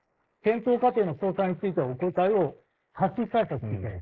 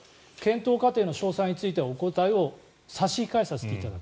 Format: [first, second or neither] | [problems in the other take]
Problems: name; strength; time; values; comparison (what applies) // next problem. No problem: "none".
second | noise reduction (neural mask model Resemble Enhance denoiser)